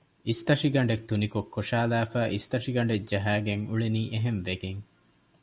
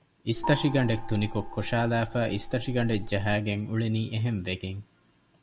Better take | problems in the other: first | background sound (Gong); 8 dB below the speech

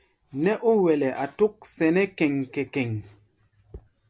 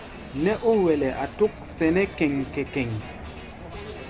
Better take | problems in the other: first | background sound (Crowd); 12 dB below the speech

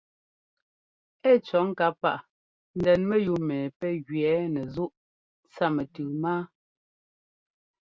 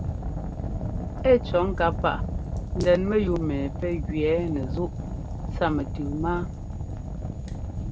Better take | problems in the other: first | background sound (Fire); 3 dB below the speech

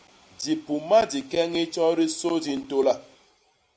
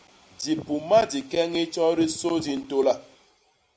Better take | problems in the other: first | background sound (Wind); 17 dB below the speech

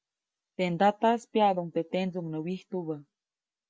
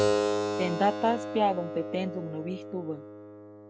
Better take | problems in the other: first | background sound (Keyboard (musical)); 1 dB below the speech

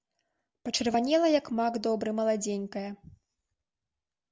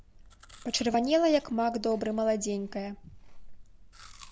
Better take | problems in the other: first | background sound (Chewing, mastication); 18 dB below the speech

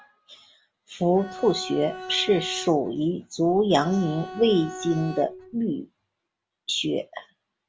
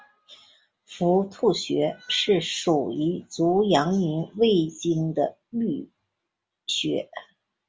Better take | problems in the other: second | background sound (Bowed string instrument); 13 dB below the speech

